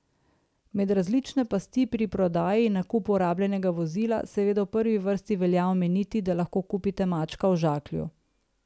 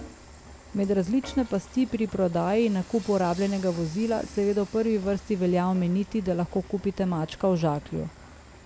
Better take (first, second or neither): first